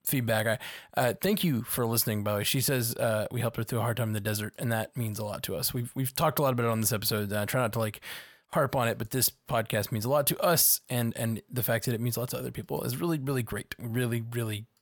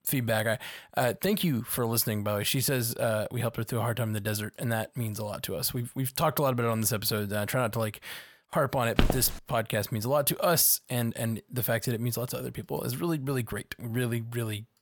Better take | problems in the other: first | footsteps; loud; at 9 s; peak level with the speech

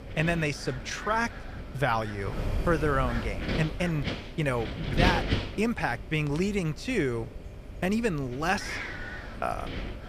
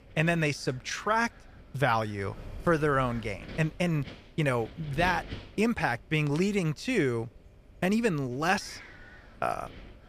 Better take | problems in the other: second | wind noise on the microphone; heavy; 6 dB below the speech; occasional gusts in the second

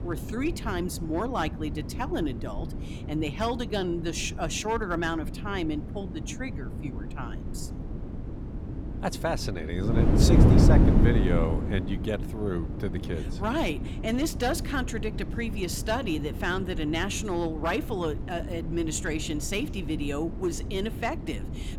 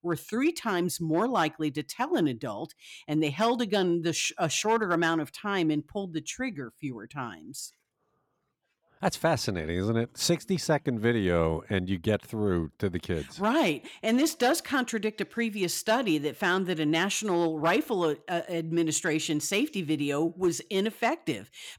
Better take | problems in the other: second | wind noise on the microphone; heavy; 6 dB below the speech

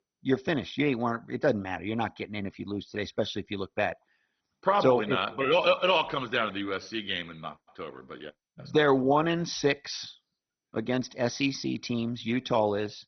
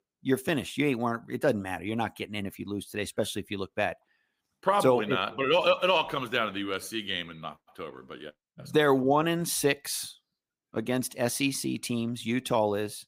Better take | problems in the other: second | garbled, watery; badly; nothing above 6 kHz

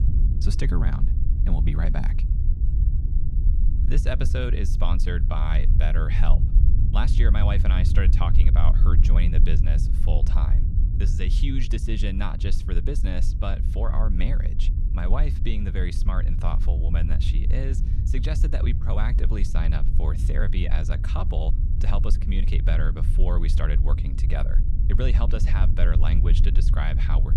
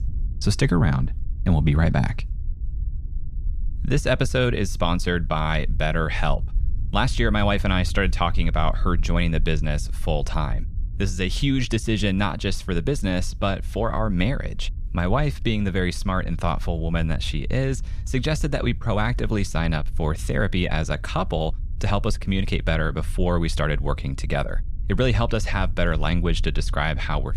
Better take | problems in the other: second | low rumble; loud; throughout; 6 dB below the speech; faint in the second

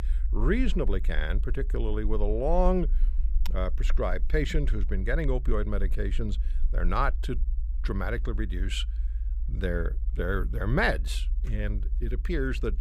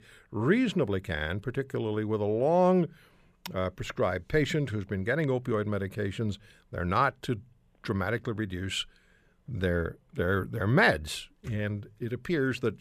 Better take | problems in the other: second | low rumble; faint; throughout; 20 dB below the speech

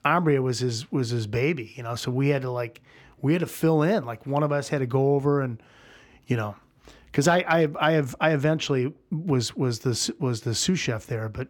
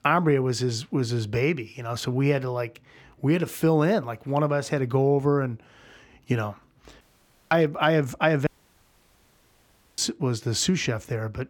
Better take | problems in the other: first | audio cutting out; at 7 s for 0.5 s and at 8.5 s for 1.5 s

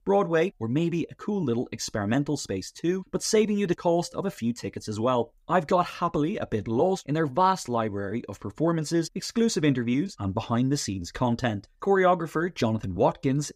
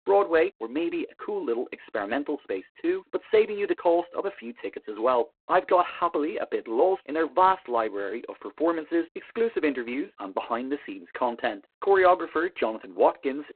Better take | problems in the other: first | phone-call audio; poor line; nothing above 4 kHz

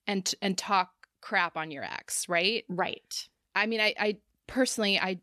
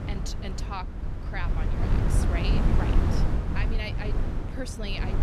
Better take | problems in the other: first | wind noise on the microphone; heavy; as loud as the speech

